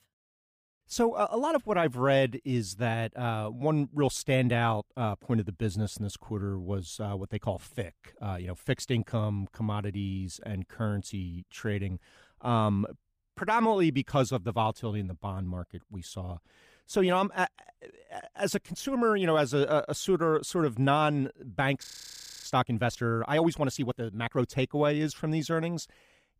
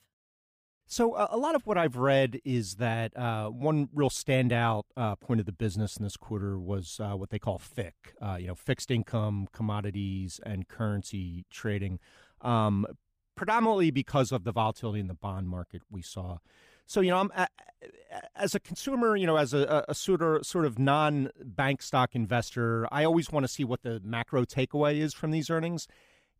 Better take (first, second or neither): second